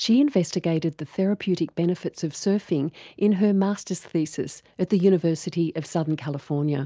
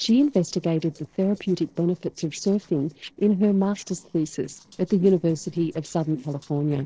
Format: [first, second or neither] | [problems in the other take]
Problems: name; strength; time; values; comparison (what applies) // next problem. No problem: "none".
first | noise reduction (neural separator model SepFormer DNS4)